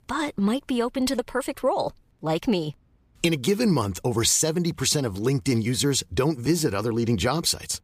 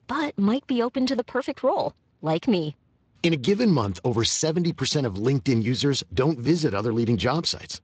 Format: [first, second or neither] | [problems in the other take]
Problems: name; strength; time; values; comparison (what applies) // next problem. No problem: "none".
first | garbled, watery; slightly; nothing above 7.5 kHz